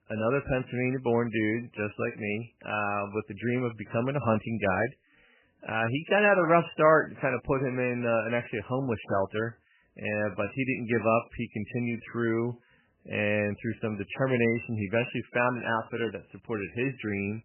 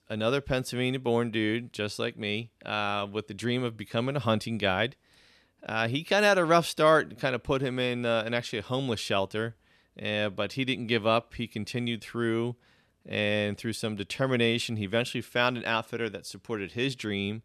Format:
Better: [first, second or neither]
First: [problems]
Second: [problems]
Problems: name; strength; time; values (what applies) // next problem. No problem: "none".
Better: second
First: garbled, watery; badly; nothing above 3 kHz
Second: none